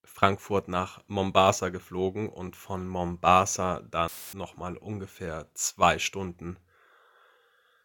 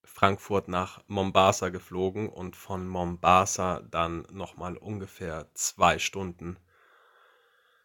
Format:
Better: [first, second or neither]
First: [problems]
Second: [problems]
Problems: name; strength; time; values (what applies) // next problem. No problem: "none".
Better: second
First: audio cutting out; filled with static; at 4 s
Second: none